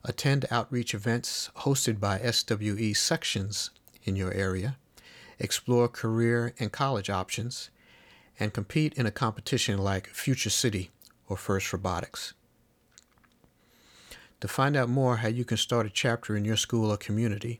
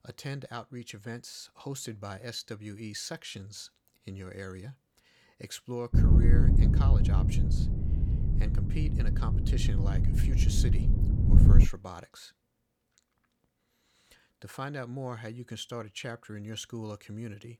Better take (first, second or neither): first